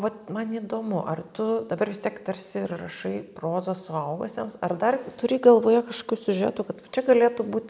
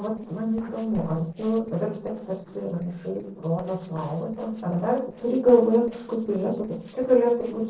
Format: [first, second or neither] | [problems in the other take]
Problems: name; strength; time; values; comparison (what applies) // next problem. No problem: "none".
first | noise reduction (neural separator model SepFormer DNS4)